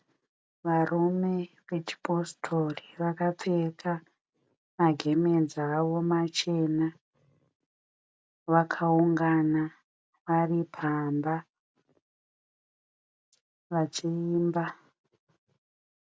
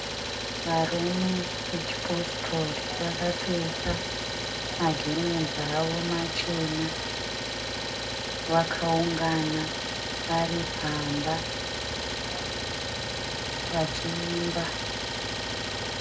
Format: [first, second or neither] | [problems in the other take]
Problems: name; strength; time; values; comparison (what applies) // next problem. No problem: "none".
first | background sound (Idling); as loud as the speech // room echo; dies away in 0.3 s